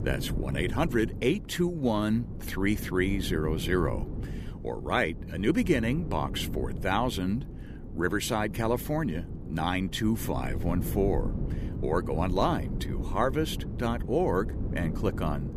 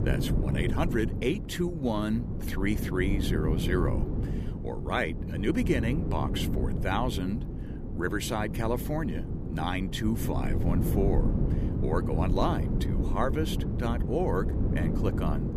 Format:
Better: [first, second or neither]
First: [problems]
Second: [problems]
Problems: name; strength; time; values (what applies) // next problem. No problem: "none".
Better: first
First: wind noise on the microphone; occasional gusts; 15 dB below the speech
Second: wind noise on the microphone; heavy; 7 dB below the speech